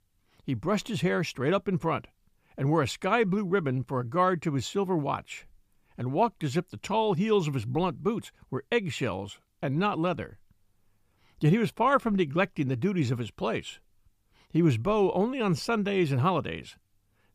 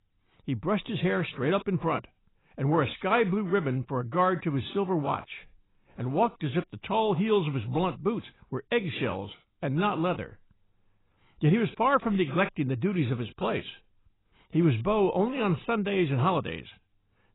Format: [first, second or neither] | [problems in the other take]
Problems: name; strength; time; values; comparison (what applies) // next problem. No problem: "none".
first | garbled, watery; badly; nothing above 4 kHz